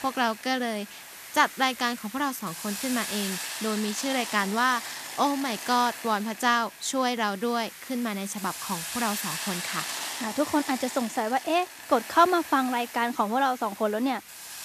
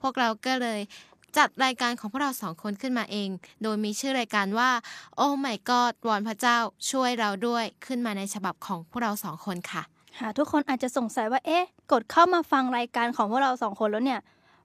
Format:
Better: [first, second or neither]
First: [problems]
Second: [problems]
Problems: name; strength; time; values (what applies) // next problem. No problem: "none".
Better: second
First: hiss; loud; throughout; 8 dB below the speech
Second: none